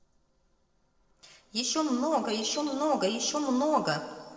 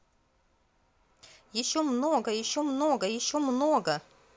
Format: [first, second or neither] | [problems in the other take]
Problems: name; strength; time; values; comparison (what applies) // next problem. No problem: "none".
second | noise reduction (neural separator model SepFormer DNS4)